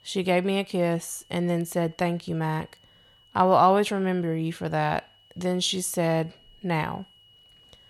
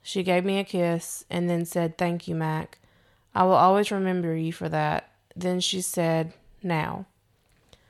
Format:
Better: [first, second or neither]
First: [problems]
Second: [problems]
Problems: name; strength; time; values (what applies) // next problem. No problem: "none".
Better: second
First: high-pitched whine; faint; throughout; 3 kHz, 30 dB below the speech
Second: none